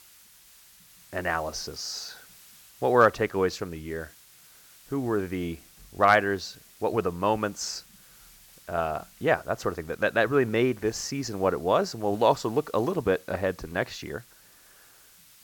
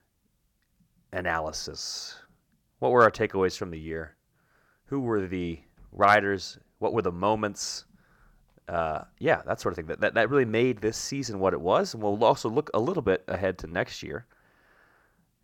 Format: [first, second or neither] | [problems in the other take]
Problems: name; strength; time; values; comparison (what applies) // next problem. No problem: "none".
second | hiss; faint; throughout; 25 dB below the speech